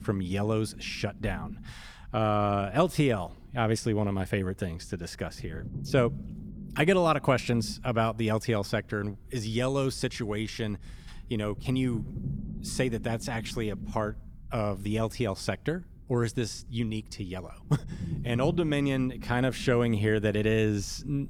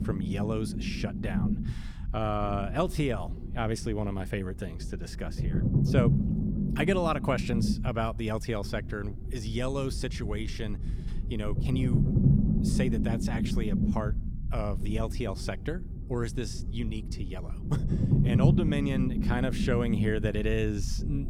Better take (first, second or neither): first